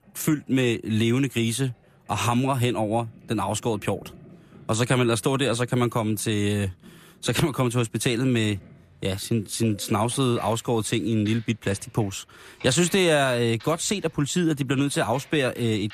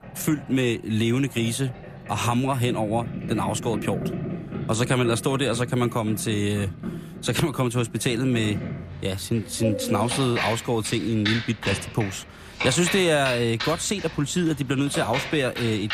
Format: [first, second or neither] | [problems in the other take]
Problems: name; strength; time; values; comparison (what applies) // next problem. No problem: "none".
first | household noises; loud; throughout; 8 dB below the speech; faint in the first